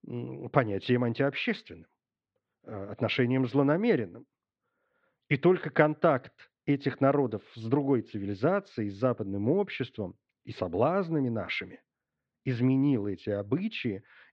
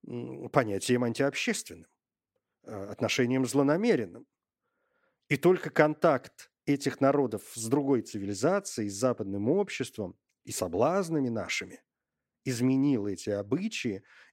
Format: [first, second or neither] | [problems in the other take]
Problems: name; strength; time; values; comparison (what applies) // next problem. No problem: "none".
second | muffled; slightly; fading above 4 kHz